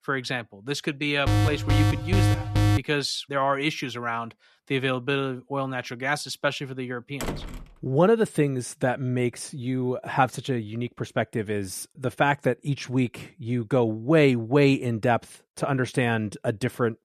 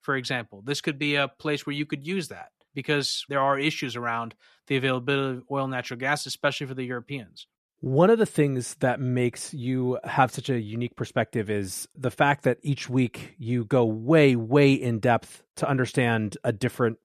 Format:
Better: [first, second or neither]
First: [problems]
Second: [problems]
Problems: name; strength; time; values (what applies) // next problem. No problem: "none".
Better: second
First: alarm; loud; from 1.5 to 3 s; peak 3 dB above the speech // door banging; noticeable; at 7 s; peak 7 dB below the speech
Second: none